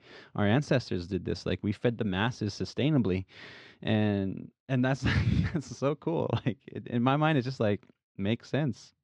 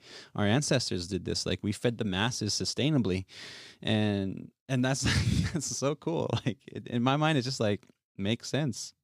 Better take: second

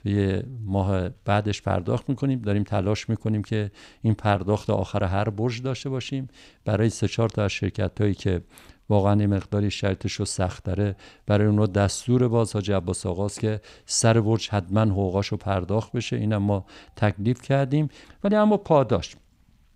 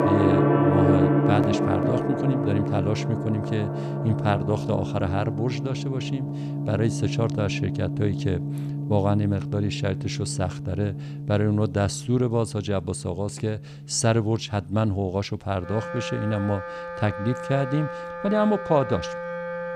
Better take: first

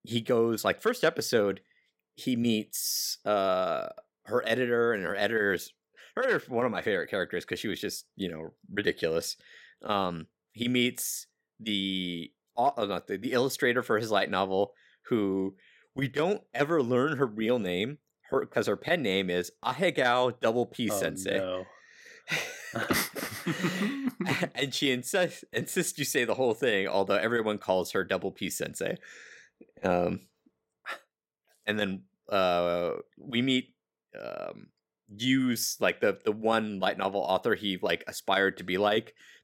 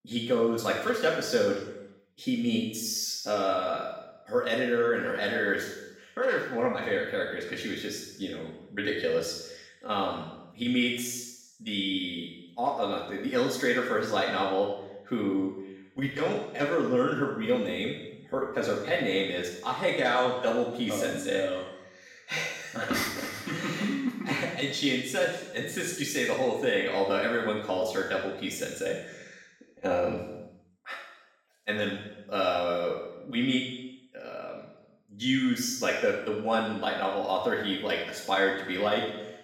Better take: first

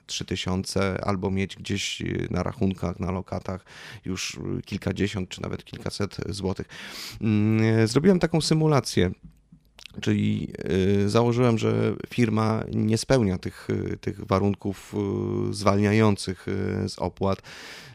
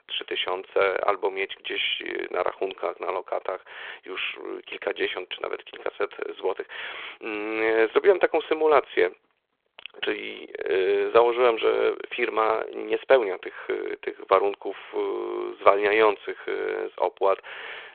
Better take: first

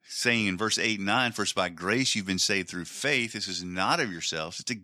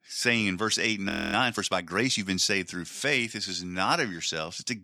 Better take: first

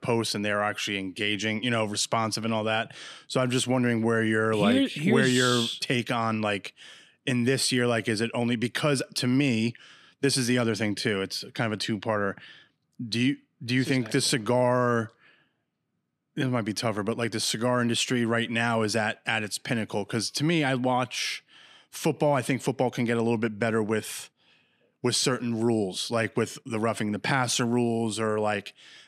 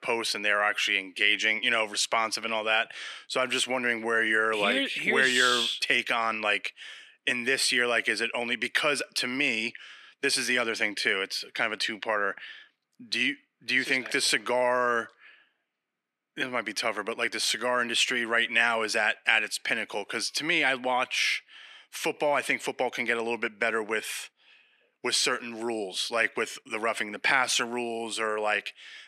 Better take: first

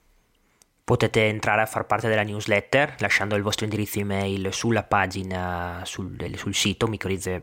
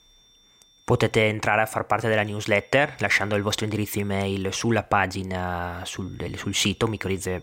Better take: first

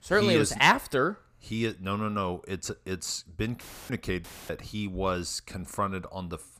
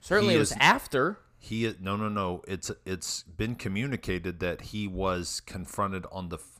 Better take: second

